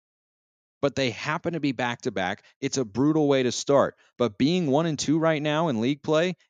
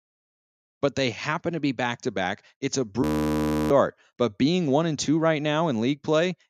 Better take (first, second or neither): first